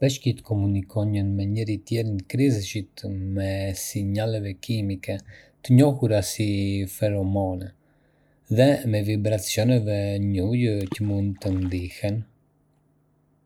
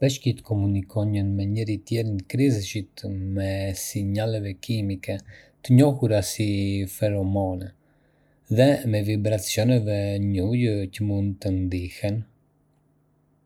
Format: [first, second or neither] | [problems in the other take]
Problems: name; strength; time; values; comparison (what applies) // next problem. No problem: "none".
second | background sound (Water / Splash, splatter); 18 dB below the speech